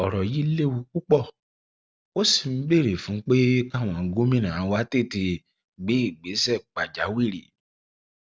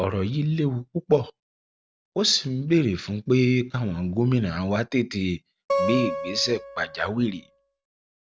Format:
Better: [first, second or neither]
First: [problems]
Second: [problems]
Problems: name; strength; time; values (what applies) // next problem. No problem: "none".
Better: first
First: none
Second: background sound (Acoustic guitar); 5 dB below the speech